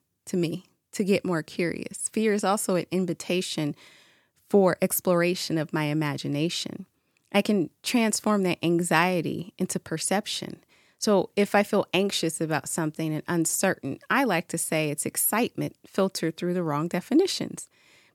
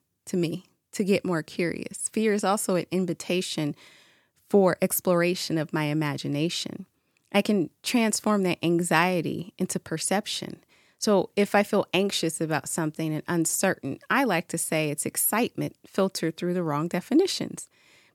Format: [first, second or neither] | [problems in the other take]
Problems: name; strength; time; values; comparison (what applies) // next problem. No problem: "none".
neither | none